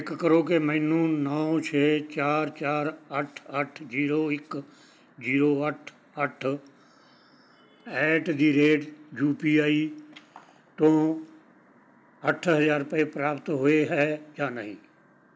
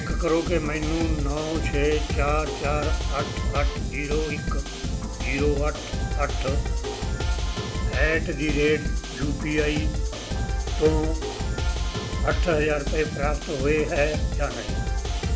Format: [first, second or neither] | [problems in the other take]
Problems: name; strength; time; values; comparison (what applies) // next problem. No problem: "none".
first | background sound (Drum kit); 2 dB above the speech // room echo; dies away in 0.4 s